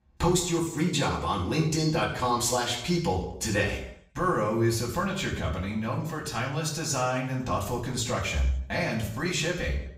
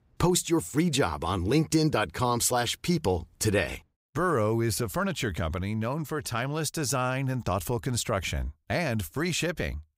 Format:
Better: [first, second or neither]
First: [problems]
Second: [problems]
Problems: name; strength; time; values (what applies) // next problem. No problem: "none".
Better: second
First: room echo; noticeable; dies away in 0.6 s // off-mic speech; far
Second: none